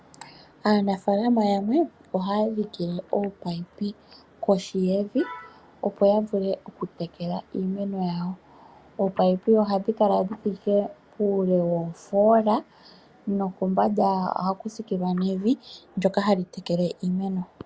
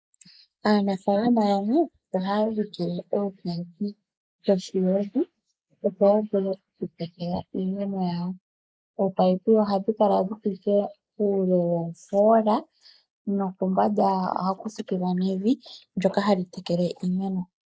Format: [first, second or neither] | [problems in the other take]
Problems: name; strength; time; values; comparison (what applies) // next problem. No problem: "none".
first | noise reduction (neural mask model Resemble Enhance denoiser)